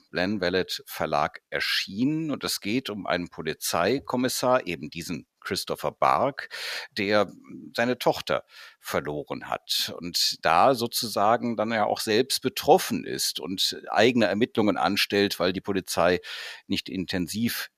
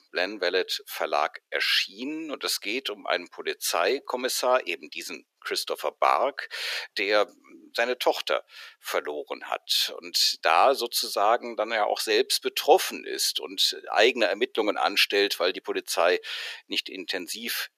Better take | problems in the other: first | thin; somewhat; fading below 350 Hz

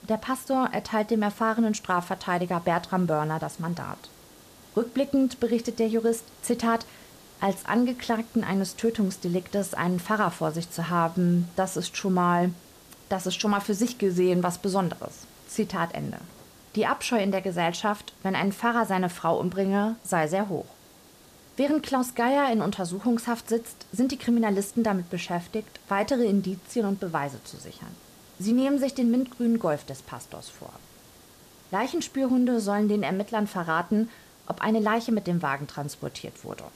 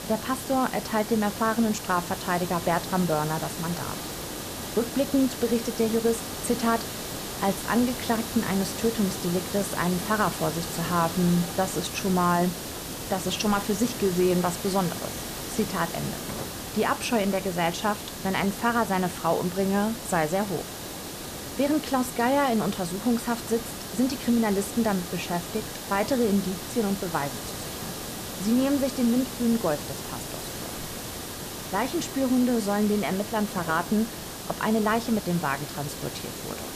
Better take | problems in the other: first | hiss; loud; throughout; 7 dB below the speech; faint in the first

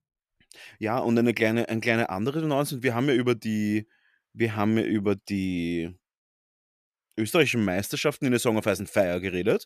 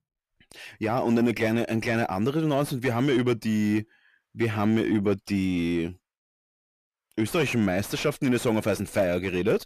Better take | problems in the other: first | distortion; slight; 10 dB below the speech

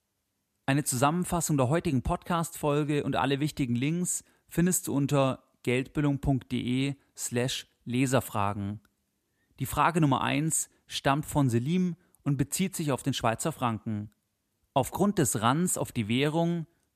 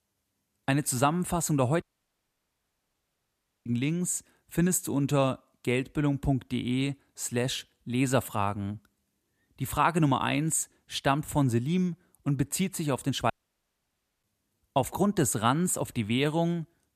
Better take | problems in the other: first | audio cutting out; at 2 s for 2 s and at 13 s for 1 s

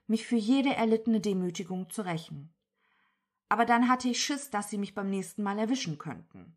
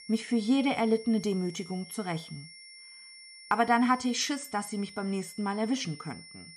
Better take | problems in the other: first | high-pitched whine; noticeable; throughout; 5.5 kHz, 15 dB below the speech

